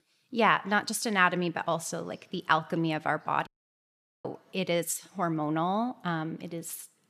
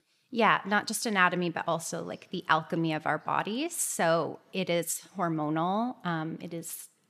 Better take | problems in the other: second | audio cutting out; at 3.5 s for 1 s

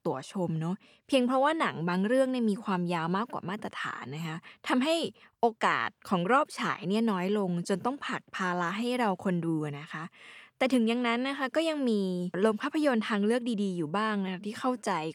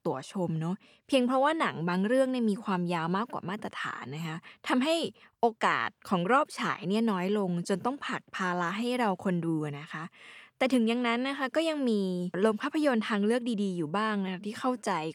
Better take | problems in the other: neither | none

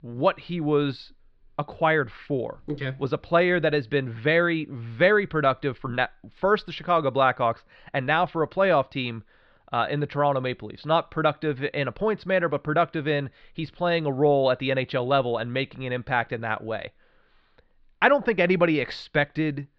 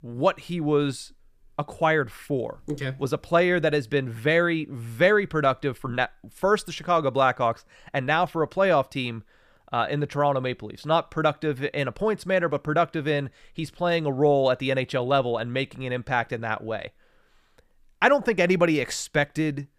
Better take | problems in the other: second | muffled; very slightly; fading above 4.5 kHz

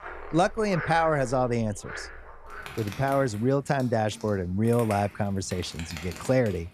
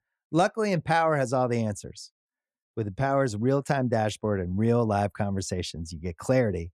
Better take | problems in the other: second | animal sounds; noticeable; throughout; 15 dB below the speech

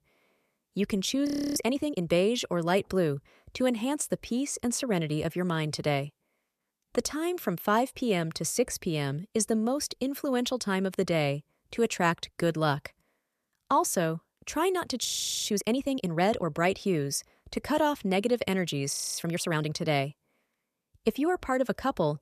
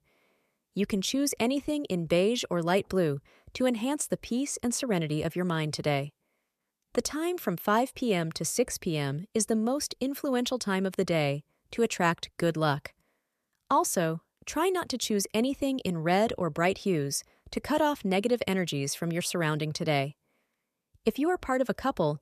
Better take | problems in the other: second | audio freezing; at 1.5 s, at 15 s and at 19 s

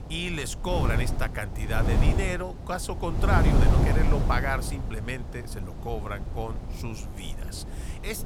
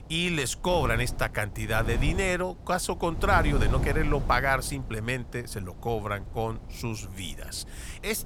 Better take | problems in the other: second | wind noise on the microphone; heavy; 5 dB below the speech; occasional gusts in the second

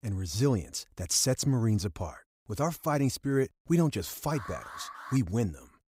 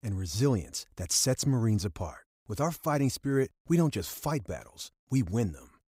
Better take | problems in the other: second | alarm; faint; at 4.5 s; peak 15 dB below the speech

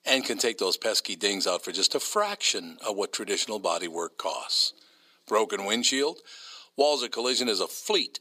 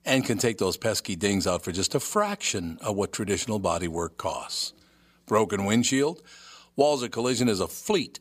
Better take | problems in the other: second | thin; somewhat; fading below 300 Hz

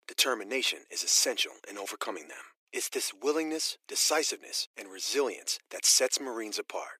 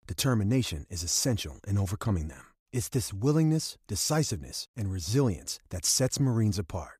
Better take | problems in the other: second | thin; very; fading below 350 Hz

